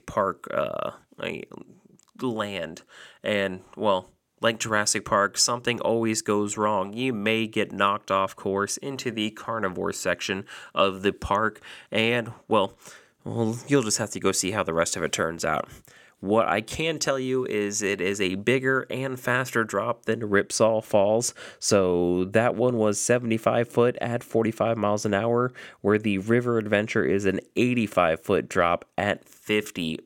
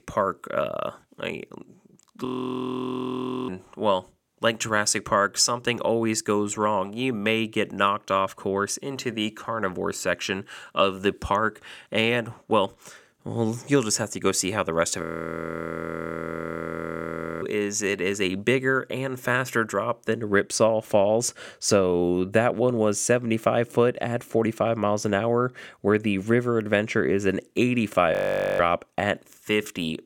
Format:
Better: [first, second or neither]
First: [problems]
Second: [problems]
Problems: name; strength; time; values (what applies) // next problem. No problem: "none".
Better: first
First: none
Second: audio freezing; at 2.5 s for 1 s, at 15 s for 2.5 s and at 28 s